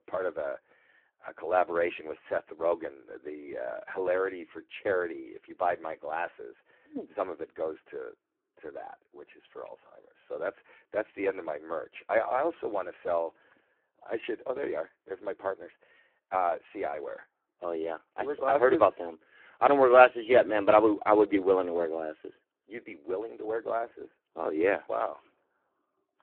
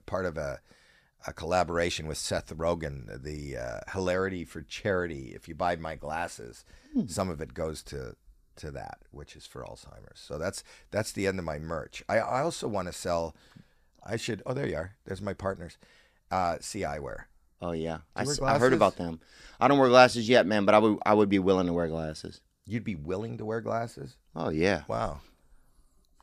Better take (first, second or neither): second